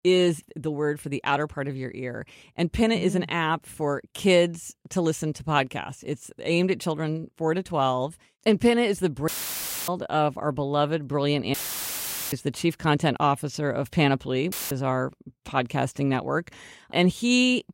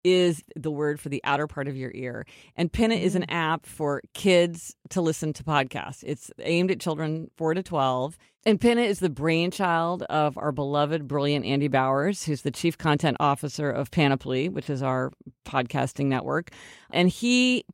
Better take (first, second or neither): second